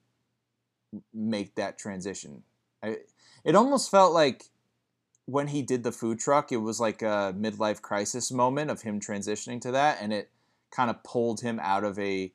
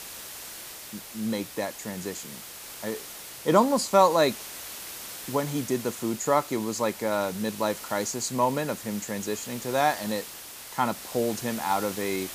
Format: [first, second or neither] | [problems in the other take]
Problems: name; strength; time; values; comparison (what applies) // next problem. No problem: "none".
first | hiss; noticeable; throughout; 10 dB below the speech